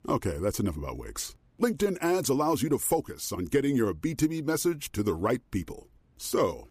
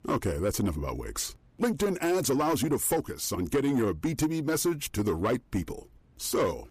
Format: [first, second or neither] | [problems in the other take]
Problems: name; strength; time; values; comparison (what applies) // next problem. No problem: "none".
first | distortion; slight; 10 dB below the speech